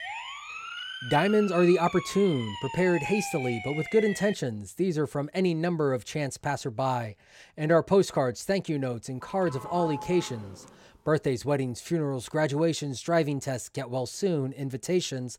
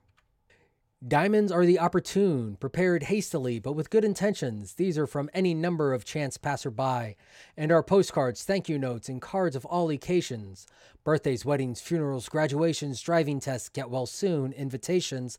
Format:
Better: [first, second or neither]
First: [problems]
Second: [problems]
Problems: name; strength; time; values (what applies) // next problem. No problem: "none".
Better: second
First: siren; noticeable; until 4.5 s; peak 6 dB below the speech // doorbell; noticeable; from 9 to 11 s; peak 9 dB below the speech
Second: none